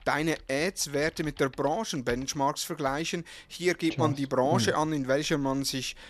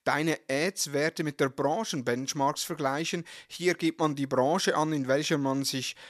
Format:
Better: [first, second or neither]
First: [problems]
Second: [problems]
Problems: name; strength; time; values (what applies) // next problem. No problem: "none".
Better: second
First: household noises; loud; throughout; 9 dB below the speech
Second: none